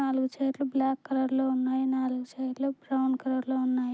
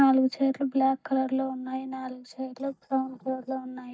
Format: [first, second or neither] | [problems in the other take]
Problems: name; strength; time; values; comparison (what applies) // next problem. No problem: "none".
first | noise reduction (neural mask model DeepFilterNet 3)